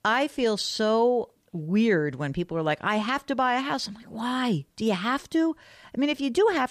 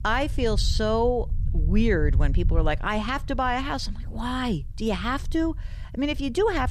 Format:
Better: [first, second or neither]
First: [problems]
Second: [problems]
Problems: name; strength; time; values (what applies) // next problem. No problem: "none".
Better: first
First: none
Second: low rumble; faint; throughout; 20 dB below the speech